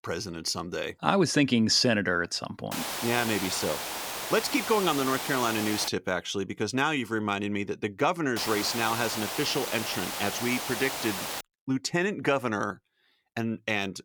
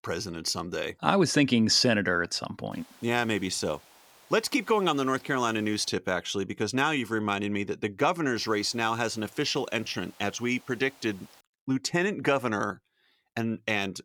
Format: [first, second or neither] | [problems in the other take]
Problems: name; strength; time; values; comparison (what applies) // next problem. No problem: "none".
second | hiss; loud; from 2.5 to 6 s and from 8.5 to 11 s; 4 dB below the speech; faint in the second